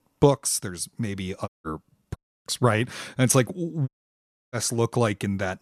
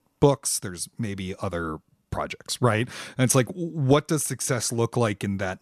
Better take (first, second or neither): second